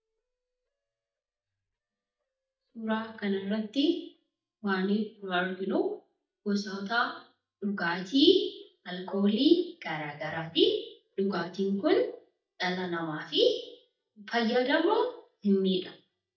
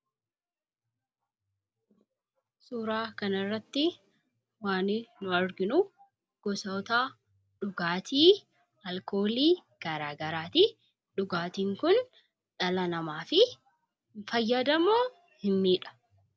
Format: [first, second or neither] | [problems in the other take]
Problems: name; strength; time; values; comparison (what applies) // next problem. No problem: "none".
second | noise reduction (neural mask model DeepFilterNet 3)